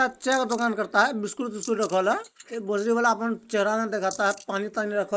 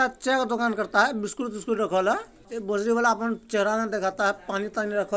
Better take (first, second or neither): second